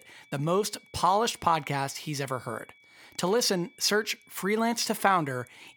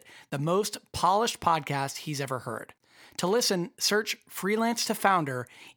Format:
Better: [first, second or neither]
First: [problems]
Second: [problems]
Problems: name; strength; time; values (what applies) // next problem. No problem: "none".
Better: second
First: high-pitched whine; faint; throughout; 2.5 kHz, 30 dB below the speech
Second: none